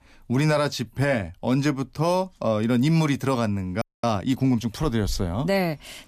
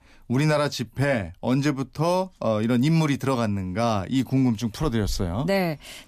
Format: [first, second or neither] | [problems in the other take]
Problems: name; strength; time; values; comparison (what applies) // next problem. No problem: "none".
second | audio freezing; at 4 s